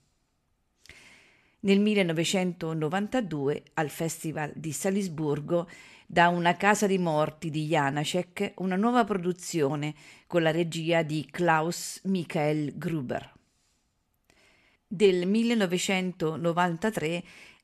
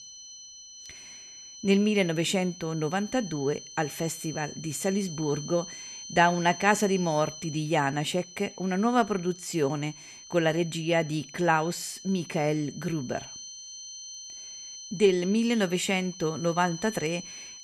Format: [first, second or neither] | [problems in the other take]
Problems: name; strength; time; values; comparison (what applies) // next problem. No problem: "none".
first | high-pitched whine; noticeable; throughout; 6 kHz, 15 dB below the speech